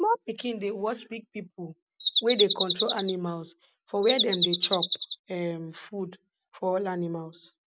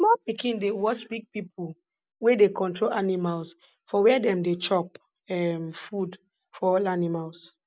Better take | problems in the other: second | background sound (Bird vocalization, bird call, bird song); 3 dB above the speech

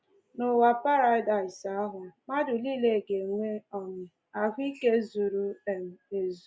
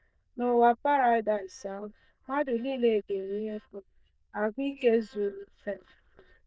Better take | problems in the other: first | noise reduction (neural diffusion model UNIVERSE++)

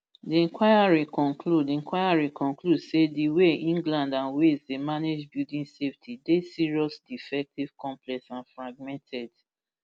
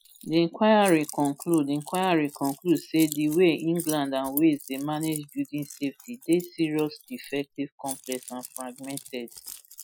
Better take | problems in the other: first | noise reduction (classical method Wiener filter)

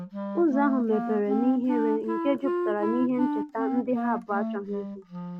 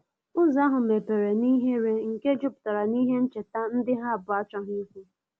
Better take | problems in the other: second | background sound (Wind instrument, woodwind instrument); 4 dB below the speech

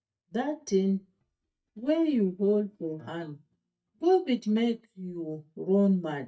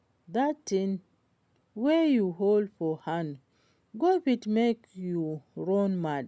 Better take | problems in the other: second | noise reduction (neural mask model DeepFilterNet 3)

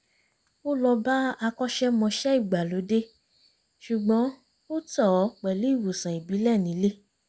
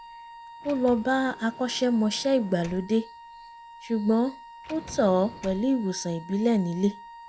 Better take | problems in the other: first | background sound (Wind instrument, woodwind instrument + Sliding door); 18 dB below the speech

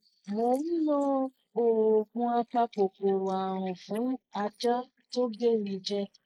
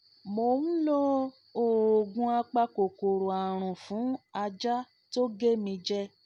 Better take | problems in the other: second | noise reduction (neural mask model Resemble Enhance denoiser)

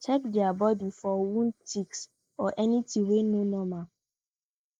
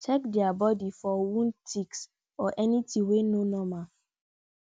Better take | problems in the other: second | noise reduction (neural mask model Resemble Enhance denoiser)

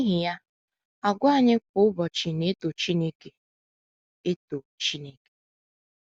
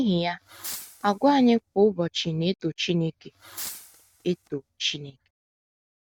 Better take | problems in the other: first | background sound (Fireworks); 17 dB below the speech

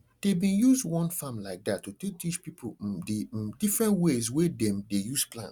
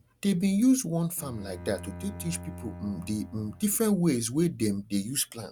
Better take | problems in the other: first | background sound (Bowed string instrument); 15 dB below the speech

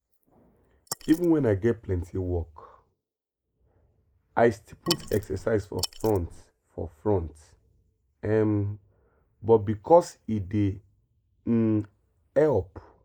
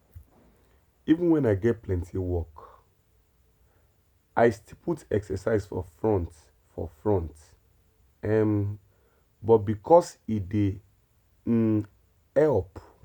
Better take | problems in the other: second | noise reduction (neural mask model Resemble Enhance denoiser)

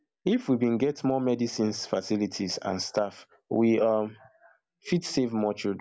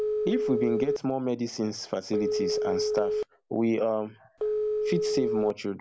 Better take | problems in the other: first | background sound (Telephone); as loud as the speech

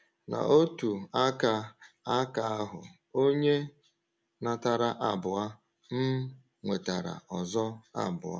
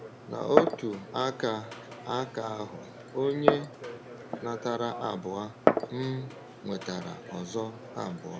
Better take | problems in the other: first | background sound (Glass); as loud as the speech

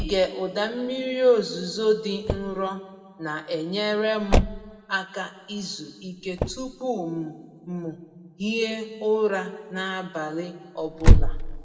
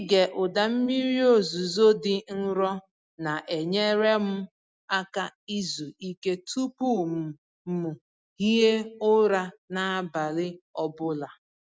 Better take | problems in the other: second | background sound (Motor vehicle (road)); 1 dB above the speech // room echo; dies away in 1.3 s

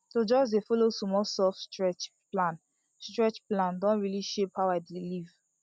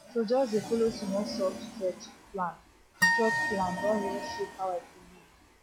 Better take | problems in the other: first | noise reduction (classical method log-MMSE)

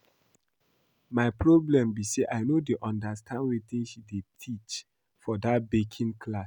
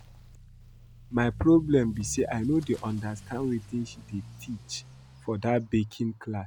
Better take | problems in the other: first | background sound (Accelerating, revving, vroom / Motor vehicle (road)); 17 dB below the speech

